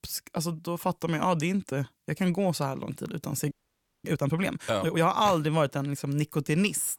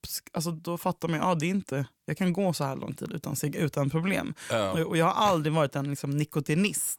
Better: second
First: audio freezing; at 3.5 s for 0.5 s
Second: none

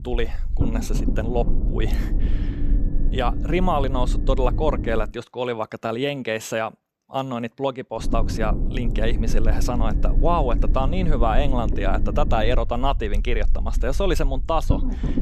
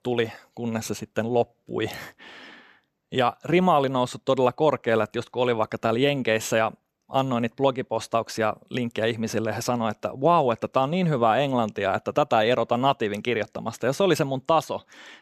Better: second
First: low rumble; noticeable; until 5 s and from 8 s on; 10 dB below the speech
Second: none

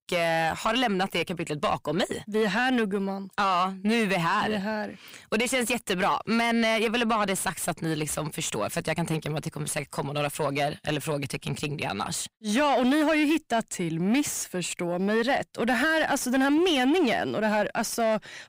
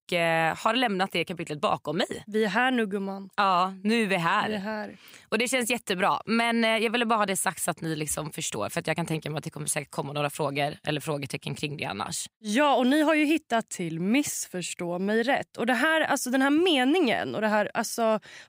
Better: second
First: distortion; slight; 10 dB below the speech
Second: none

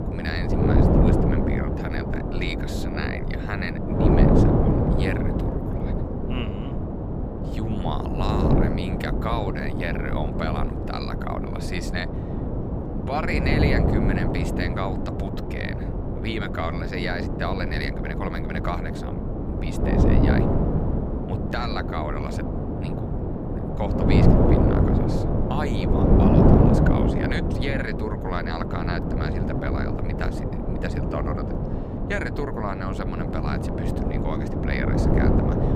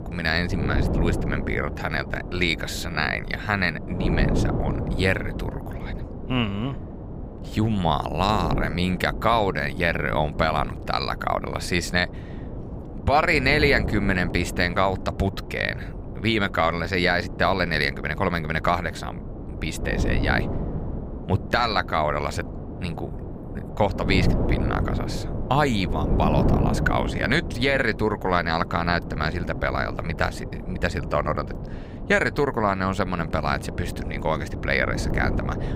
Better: second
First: wind noise on the microphone; heavy; 2 dB above the speech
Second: wind noise on the microphone; occasional gusts; 15 dB below the speech

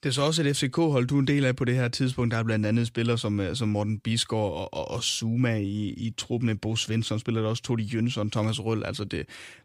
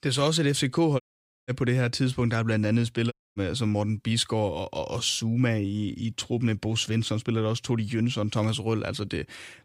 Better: first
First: none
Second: audio cutting out; at 1 s and at 3 s

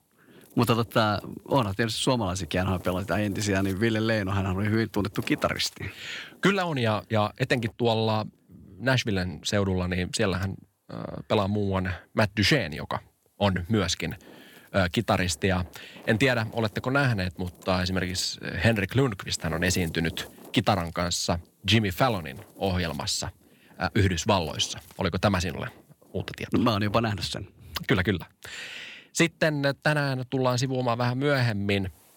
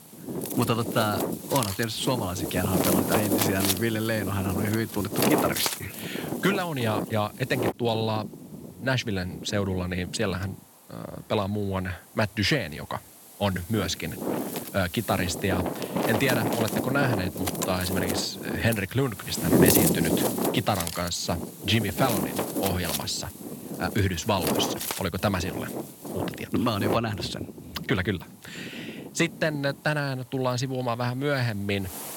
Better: first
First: wind noise on the microphone; occasional gusts; 25 dB below the speech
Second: wind noise on the microphone; heavy; 2 dB below the speech

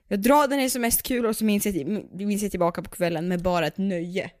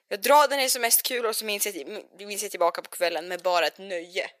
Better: first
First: none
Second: thin; very; fading below 500 Hz

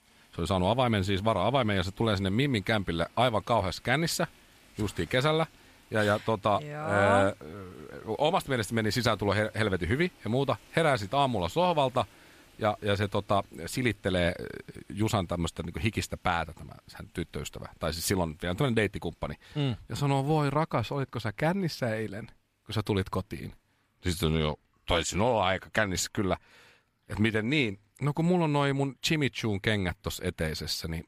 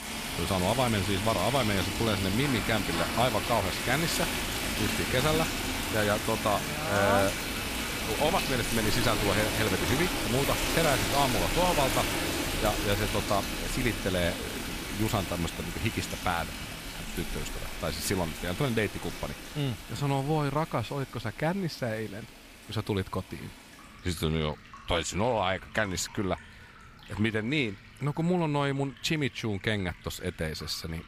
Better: first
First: rain or running water; faint; throughout; 30 dB below the speech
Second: rain or running water; loud; throughout; 1 dB below the speech

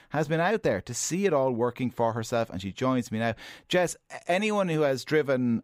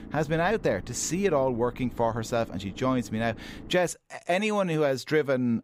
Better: first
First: none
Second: low rumble; faint; until 3.5 s; 20 dB below the speech

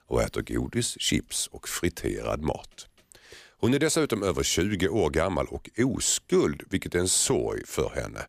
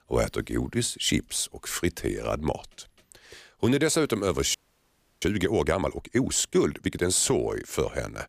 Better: first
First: none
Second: audio freezing; at 4.5 s for 0.5 s

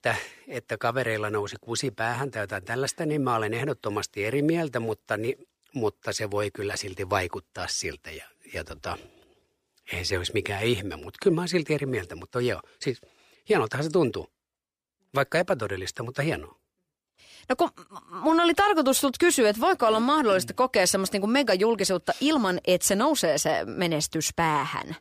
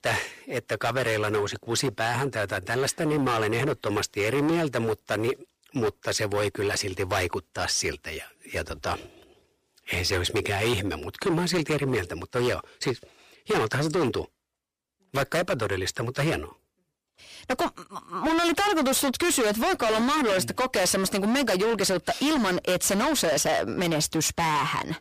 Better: first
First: none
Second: distortion; heavy; 18% of the sound clipped

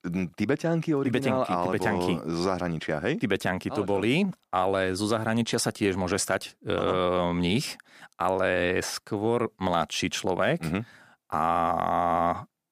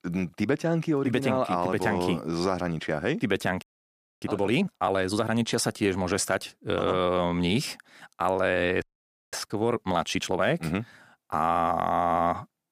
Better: first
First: none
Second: audio freezing; at 3.5 s for 0.5 s and at 9 s for 0.5 s

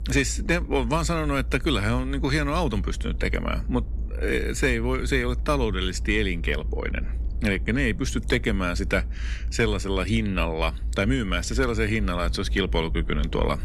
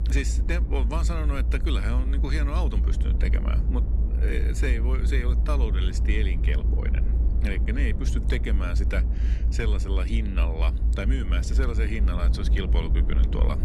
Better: first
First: low rumble; faint; throughout; 25 dB below the speech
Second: low rumble; loud; throughout; 8 dB below the speech

